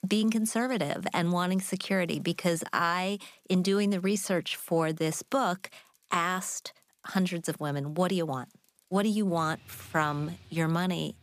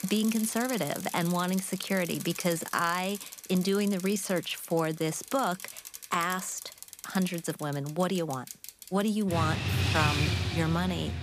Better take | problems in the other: first | traffic noise; loud; throughout; 5 dB below the speech; faint in the first

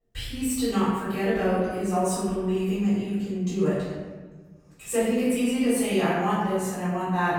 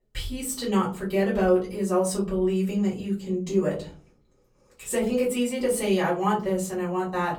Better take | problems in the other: second | room echo; strong; dies away in 1.4 s; slight in the second // off-mic speech; far; far in the second

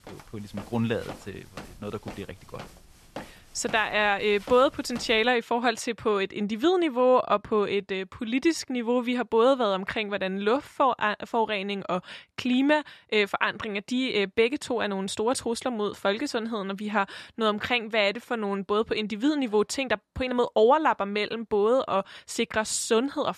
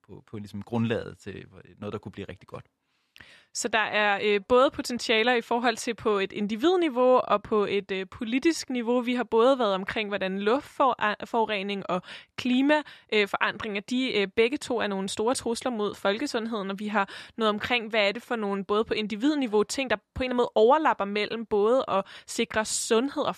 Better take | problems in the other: second | footsteps; faint; until 5 s; peak 15 dB below the speech

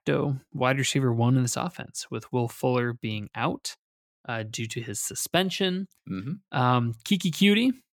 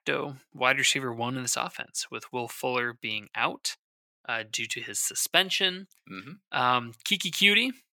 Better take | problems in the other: first | thin; somewhat; fading below 900 Hz

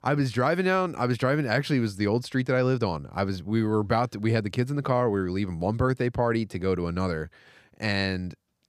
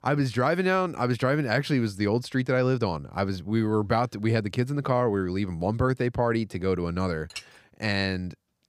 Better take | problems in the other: first | clattering dishes; faint; at 7.5 s; peak 15 dB below the speech

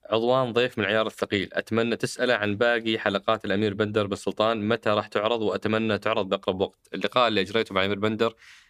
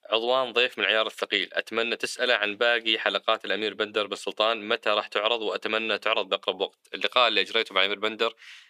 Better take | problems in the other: first | thin; somewhat; fading below 400 Hz

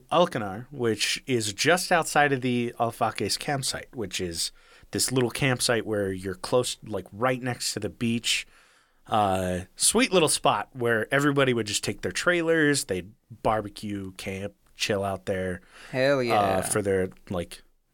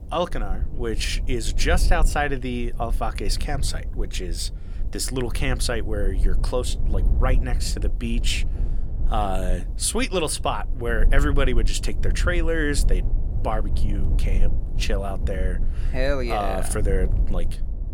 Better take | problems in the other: first | low rumble; noticeable; throughout; 15 dB below the speech

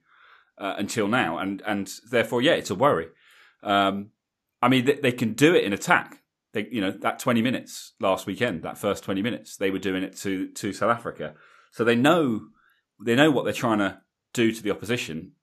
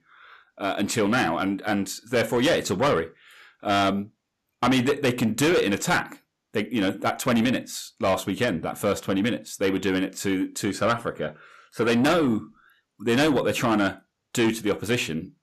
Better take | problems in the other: first | distortion; heavy; 8 dB below the speech

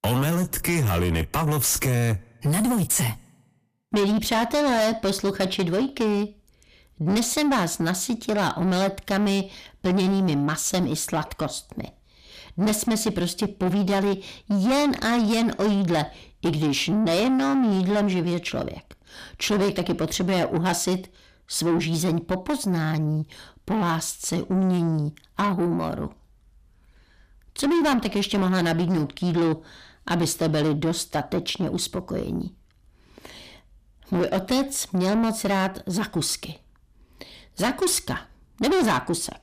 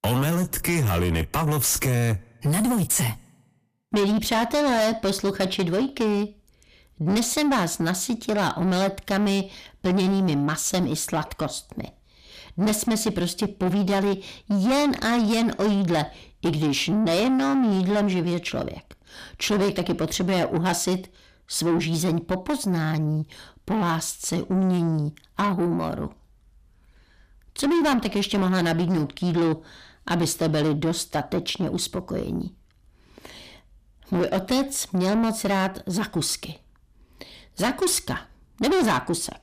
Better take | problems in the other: neither | distortion; heavy; 7 dB below the speech; the same in both

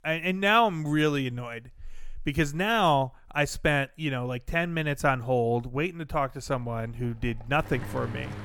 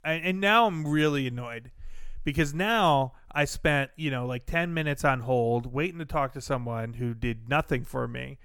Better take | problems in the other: second | machinery noise; noticeable; from 7 s on; 15 dB below the speech

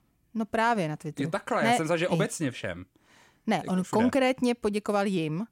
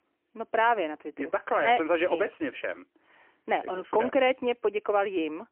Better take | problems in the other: first | phone-call audio; poor line; nothing above 3 kHz

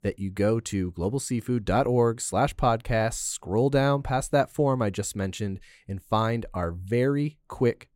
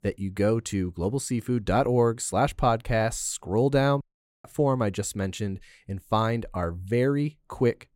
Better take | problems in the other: first | audio cutting out; at 4 s

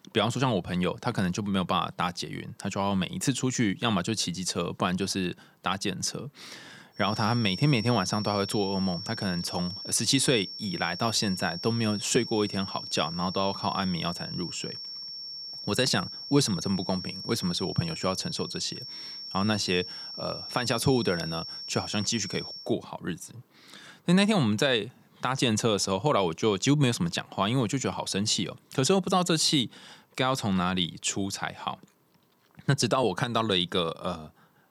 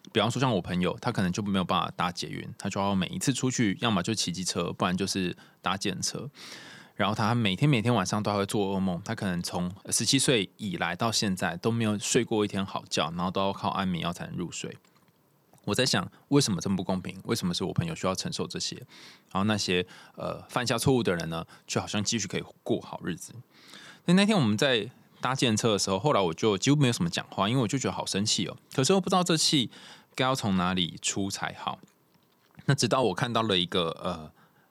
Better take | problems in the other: second | high-pitched whine; loud; from 7 to 23 s; 5.5 kHz, 9 dB below the speech

